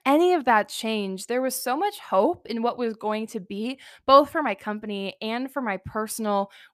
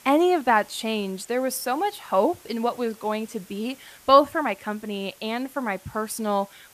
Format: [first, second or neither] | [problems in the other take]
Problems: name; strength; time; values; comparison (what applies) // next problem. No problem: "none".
first | hiss; faint; throughout; 25 dB below the speech